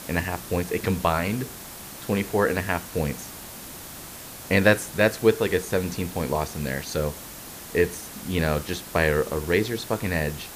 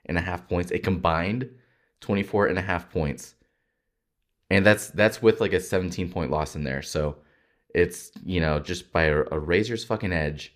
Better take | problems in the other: second | hiss; noticeable; throughout; 15 dB below the speech

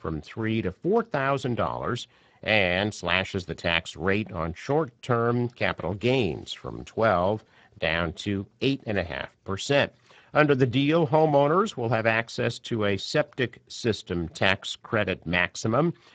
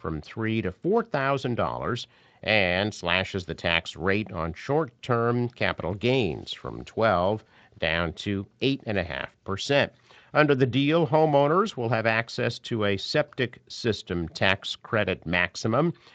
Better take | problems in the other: second | garbled, watery; badly; nothing above 7.5 kHz; slightly in the second

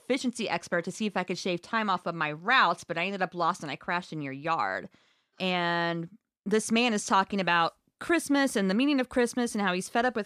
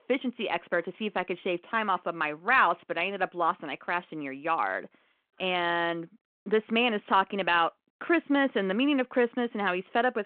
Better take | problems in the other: first | phone-call audio

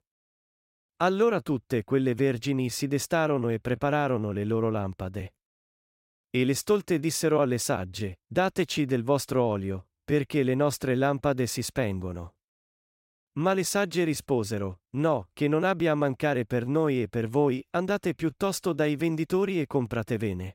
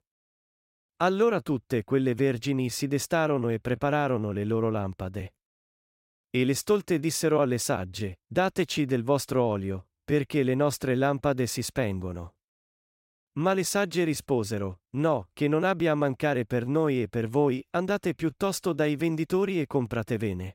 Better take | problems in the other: neither | none

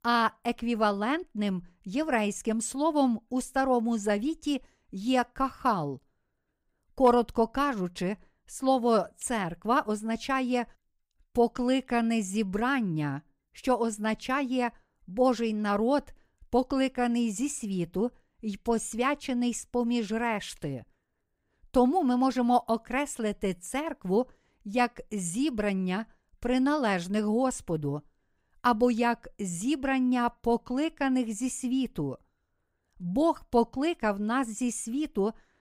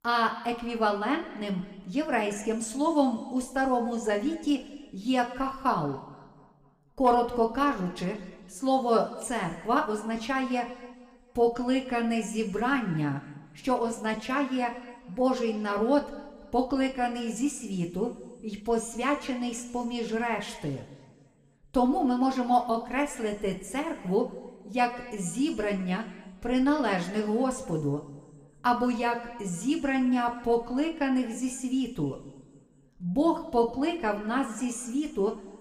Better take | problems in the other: first | room echo; slight; dies away in 1.3 s

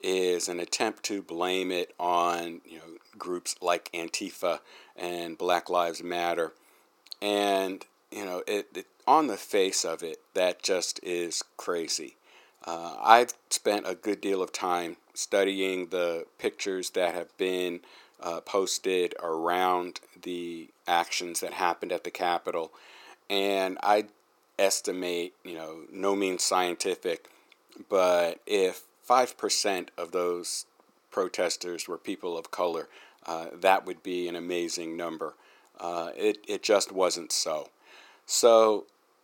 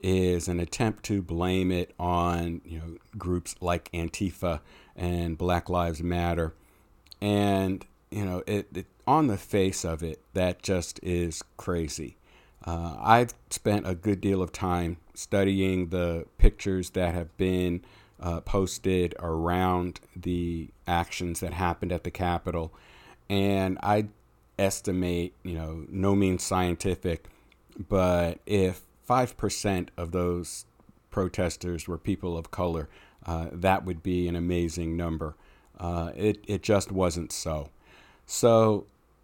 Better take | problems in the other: second | thin; somewhat; fading below 350 Hz

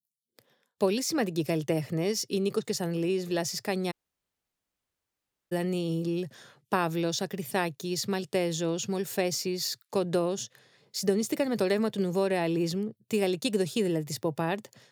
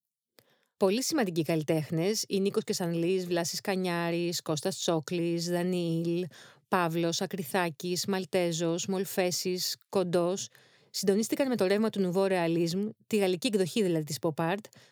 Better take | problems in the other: second | audio cutting out; at 4 s for 1.5 s

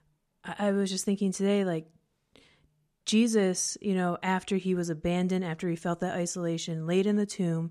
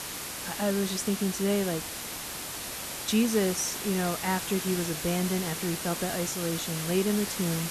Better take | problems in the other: first | hiss; loud; throughout; 4 dB below the speech

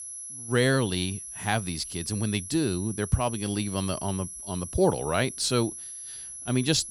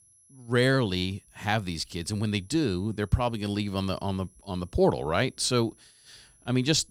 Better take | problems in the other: second | high-pitched whine; loud; throughout; 11 kHz, 9 dB below the speech; faint in the second

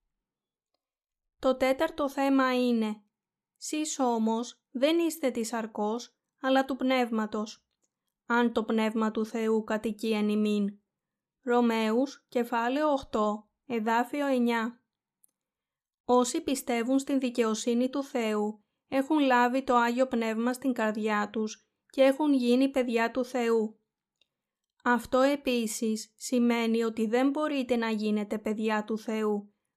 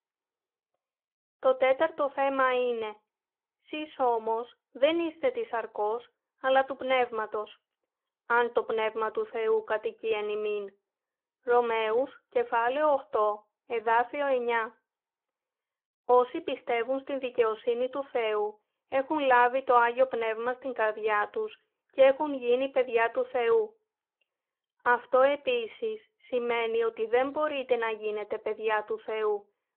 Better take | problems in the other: first | phone-call audio; nothing above 3 kHz

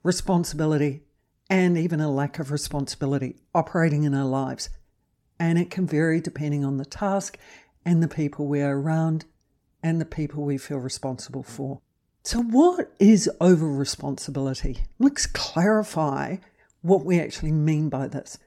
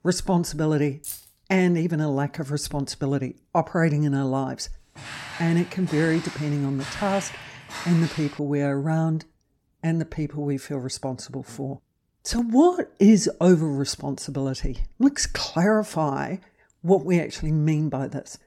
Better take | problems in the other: first | jangling keys; faint; at 1 s; peak 10 dB below the speech // footsteps; noticeable; from 5 to 8.5 s; peak 9 dB below the speech

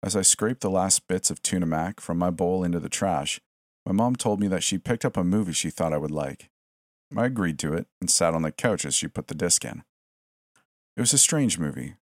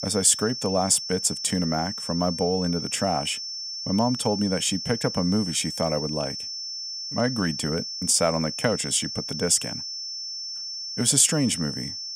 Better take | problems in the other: first | high-pitched whine; loud; throughout; 5.5 kHz, 6 dB below the speech

